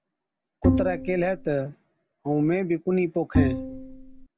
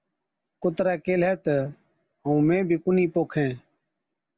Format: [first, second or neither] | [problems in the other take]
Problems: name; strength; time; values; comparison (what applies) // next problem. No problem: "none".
second | background sound (Bowed string instrument); 2 dB above the speech